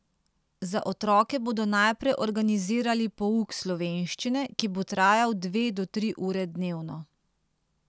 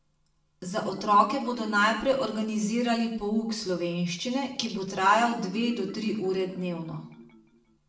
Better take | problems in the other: first | background sound (Marimba, xylophone); 20 dB below the speech // room echo; dies away in 0.6 s

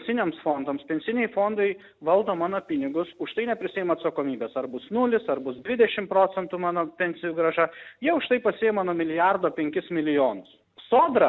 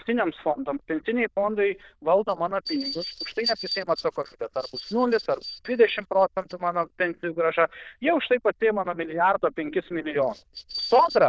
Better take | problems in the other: first | noise reduction (neural diffusion model UNIVERSE++)

